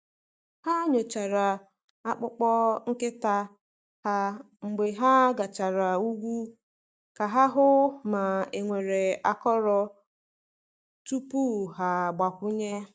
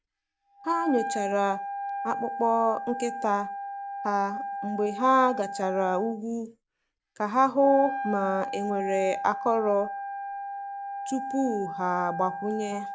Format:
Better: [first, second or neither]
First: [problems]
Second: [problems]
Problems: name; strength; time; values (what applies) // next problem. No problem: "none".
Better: first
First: none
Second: background sound (Wind instrument, woodwind instrument); 7 dB below the speech